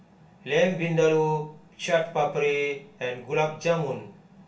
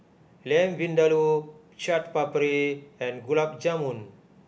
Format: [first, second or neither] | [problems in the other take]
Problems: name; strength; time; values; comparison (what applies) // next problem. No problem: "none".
second | room echo; dies away in 0.3 s